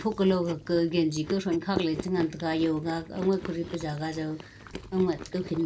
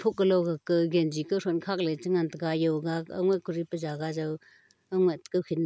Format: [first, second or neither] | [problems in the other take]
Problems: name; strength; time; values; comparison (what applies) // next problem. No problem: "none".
second | background sound (Chewing, mastication); 13 dB below the speech // room echo; dies away in 0.2 s